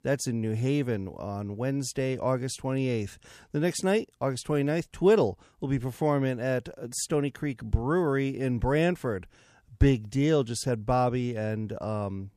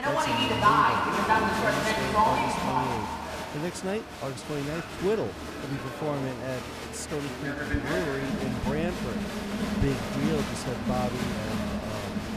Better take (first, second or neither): first